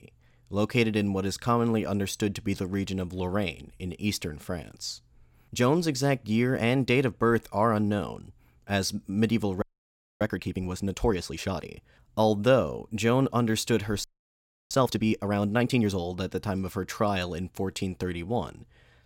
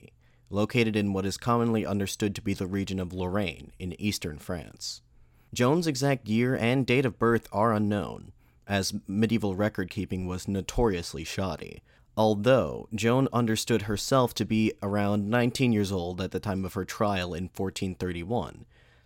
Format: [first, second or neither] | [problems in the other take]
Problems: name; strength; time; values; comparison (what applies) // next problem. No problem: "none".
second | audio freezing; at 9.5 s for 0.5 s and at 14 s for 0.5 s